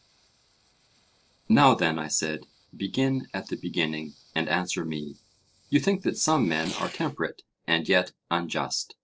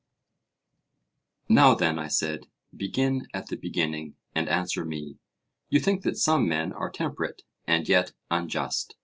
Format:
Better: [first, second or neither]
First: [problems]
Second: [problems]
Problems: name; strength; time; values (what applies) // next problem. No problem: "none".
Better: second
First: noise reduction (neural separator model SepFormer DNS4)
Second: none